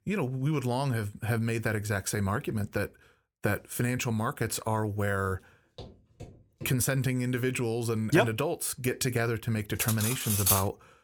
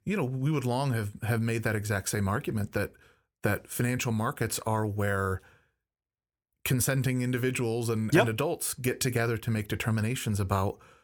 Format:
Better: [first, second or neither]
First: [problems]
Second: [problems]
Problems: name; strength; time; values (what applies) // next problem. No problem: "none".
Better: second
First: footsteps; faint; from 5.5 to 7 s; peak 15 dB below the speech // clattering dishes; loud; at 10 s; peak 5 dB above the speech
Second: none